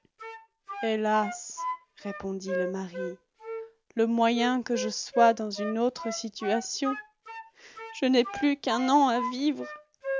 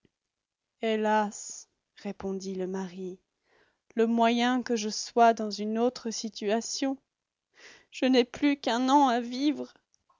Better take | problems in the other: second | background sound (Wind instrument, woodwind instrument); 9 dB below the speech

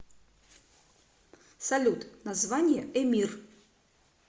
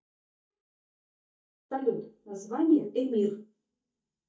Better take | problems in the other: first | noise reduction (neural mask model DeepFilterNet 3)

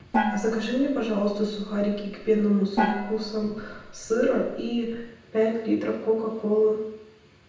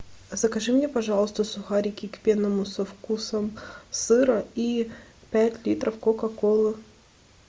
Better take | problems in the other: second | background sound (Gong); 6 dB below the speech // room echo; dies away in 0.9 s

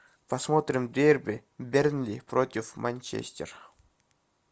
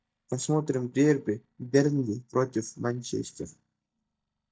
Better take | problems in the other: first | noise reduction (neural mask model DeepFilterNet 3)

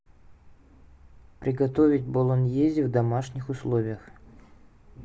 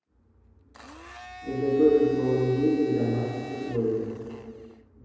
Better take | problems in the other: first | background sound (Domestic sounds, home sounds); 18 dB below the speech // room echo; dies away in 2.2 s

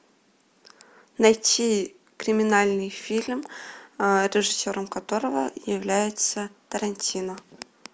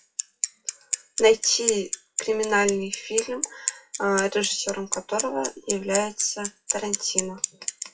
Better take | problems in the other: first | noise reduction (classical method WPE with log-MMSE)

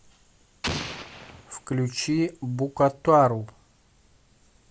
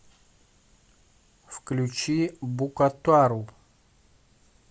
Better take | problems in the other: second | background sound (Explosion); 8 dB below the speech

